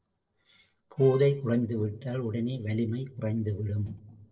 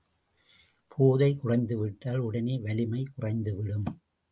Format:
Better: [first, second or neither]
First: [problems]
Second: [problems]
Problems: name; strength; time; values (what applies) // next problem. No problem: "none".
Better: second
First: noise reduction (neural separator model SepFormer DNS4)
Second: none